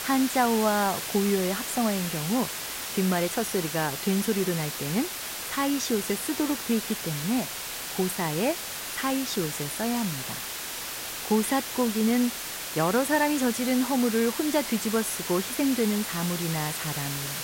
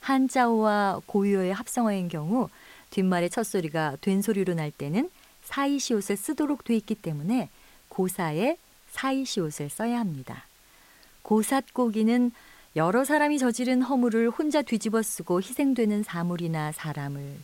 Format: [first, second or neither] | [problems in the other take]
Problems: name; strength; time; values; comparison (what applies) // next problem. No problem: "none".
second | hiss; loud; throughout; 4 dB below the speech; faint in the second